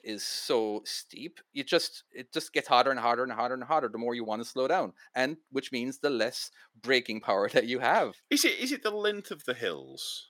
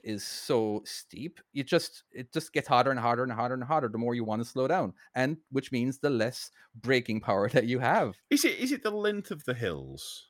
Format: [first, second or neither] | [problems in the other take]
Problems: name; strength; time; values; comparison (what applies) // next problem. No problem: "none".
second | thin; very slightly; fading below 300 Hz